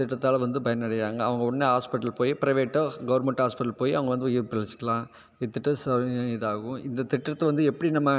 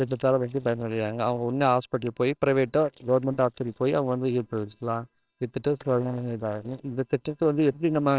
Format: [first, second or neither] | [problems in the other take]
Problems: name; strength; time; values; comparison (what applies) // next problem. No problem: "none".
first | noise reduction (neural separator model SepFormer WHAMR!)